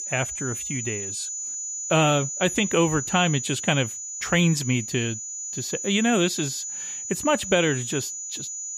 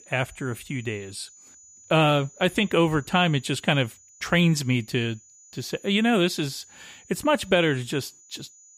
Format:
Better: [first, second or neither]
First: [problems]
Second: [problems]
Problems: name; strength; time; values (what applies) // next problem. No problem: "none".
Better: second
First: high-pitched whine; loud; throughout; 7 kHz, 6 dB below the speech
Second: high-pitched whine; faint; throughout; 7 kHz, 25 dB below the speech